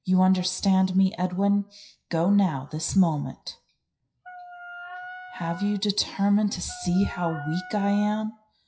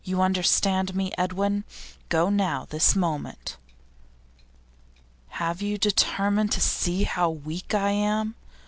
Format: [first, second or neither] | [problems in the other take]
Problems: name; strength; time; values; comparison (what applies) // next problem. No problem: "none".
second | noise reduction (classical method WPE with log-MMSE)